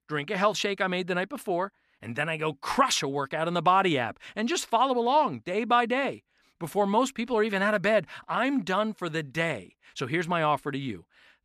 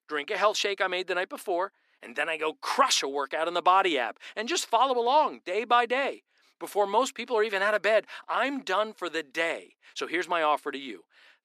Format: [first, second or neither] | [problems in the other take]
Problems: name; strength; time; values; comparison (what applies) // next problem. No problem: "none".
first | thin; somewhat; fading below 300 Hz